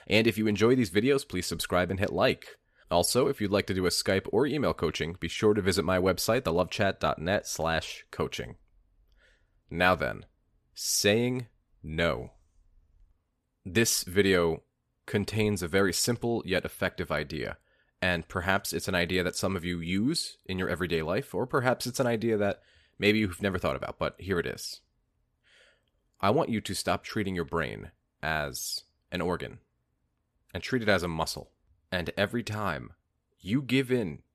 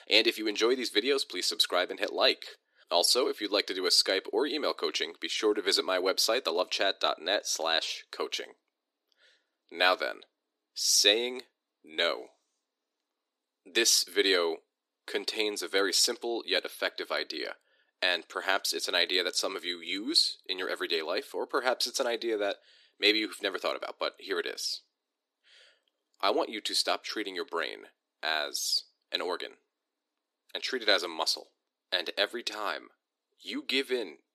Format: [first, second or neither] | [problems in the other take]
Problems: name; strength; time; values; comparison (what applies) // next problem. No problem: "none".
first | thin; somewhat; fading below 300 Hz